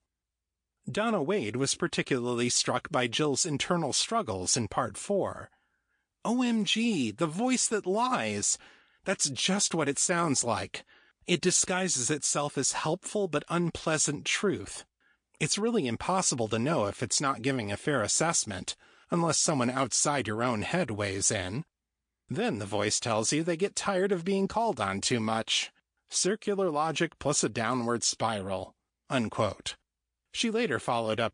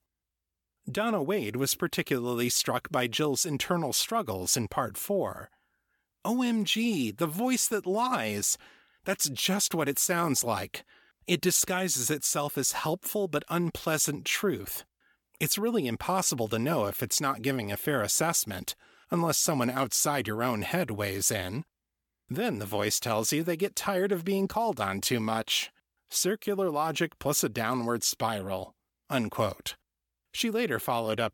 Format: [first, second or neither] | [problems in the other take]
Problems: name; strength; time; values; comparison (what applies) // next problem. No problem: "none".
second | garbled, watery; slightly; nothing above 9 kHz